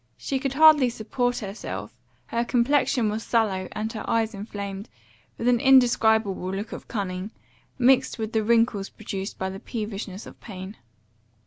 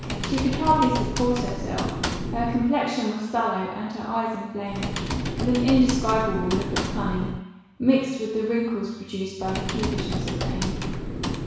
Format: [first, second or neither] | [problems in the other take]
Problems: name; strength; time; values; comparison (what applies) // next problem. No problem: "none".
first | background sound (Typing); 4 dB below the speech // room echo; dies away in 1.1 s